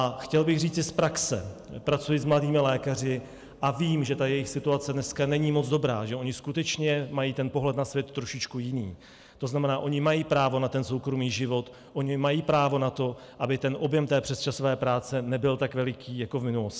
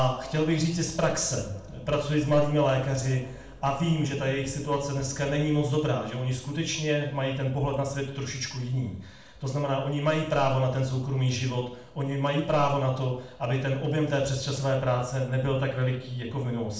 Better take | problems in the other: first | room echo; dies away in 0.5 s

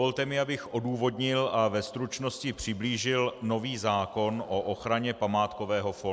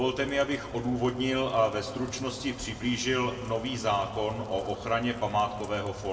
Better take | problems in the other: first | background sound (Rain); 16 dB below the speech // room echo; dies away in 1.6 s

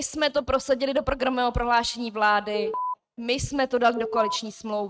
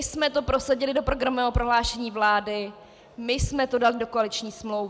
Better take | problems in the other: second | noise reduction (neural mask model RNNoise)

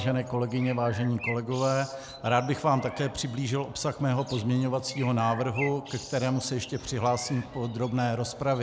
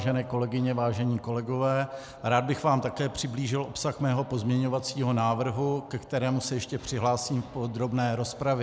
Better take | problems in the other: second | background sound (Bird); 17 dB below the speech

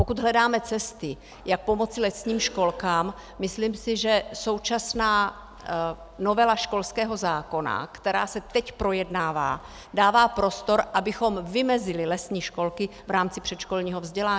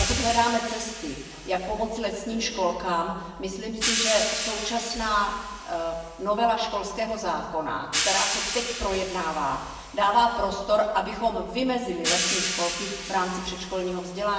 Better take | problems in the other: first | background sound (Hi-hat); 6 dB below the speech // room echo; dies away in 1 s

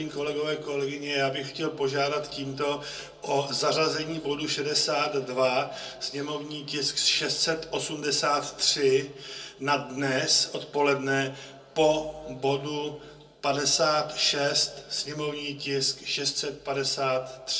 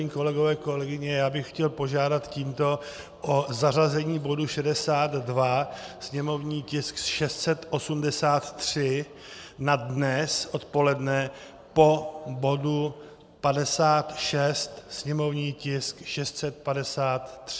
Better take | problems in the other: second | room echo; dies away in 0.2 s

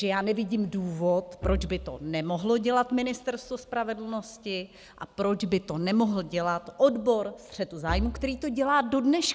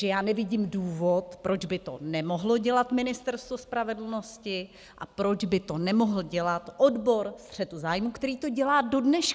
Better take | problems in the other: second | background sound (Bowed string instrument); 8 dB below the speech

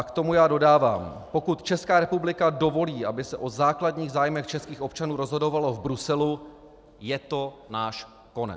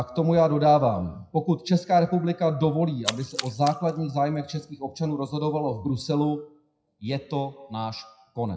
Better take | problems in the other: first | noise reduction (classical method WPE with log-MMSE)

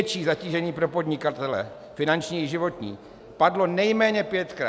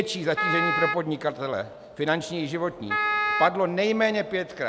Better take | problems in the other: first | background sound (Wind instrument, woodwind instrument); 1 dB below the speech

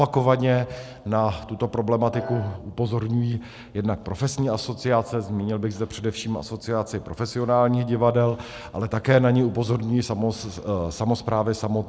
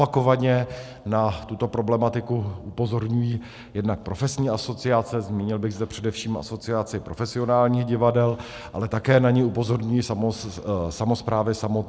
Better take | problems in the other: second | background sound (Piano); 10 dB below the speech

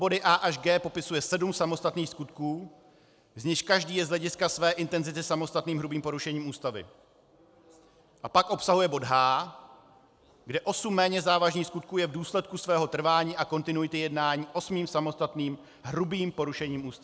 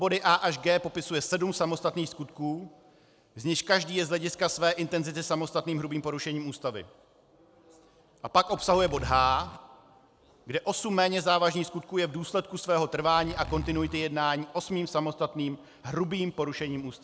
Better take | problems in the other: first | background sound (Zipper (clothing)); 11 dB below the speech

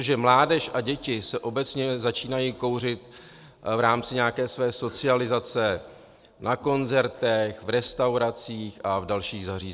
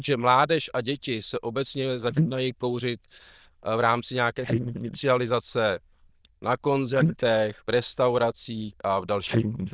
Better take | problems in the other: first | noise reduction (neural diffusion model UNIVERSE++)

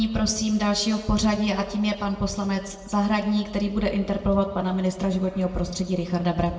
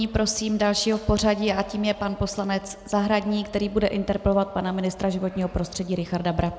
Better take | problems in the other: second | room echo; dies away in 0.8 s

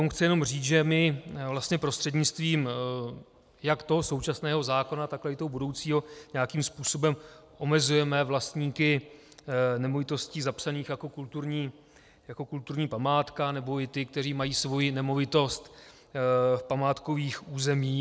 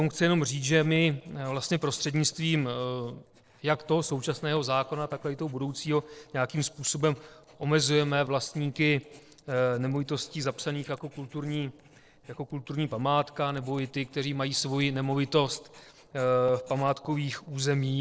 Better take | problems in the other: first | noise reduction (neural separator model SepFormer DNS4)

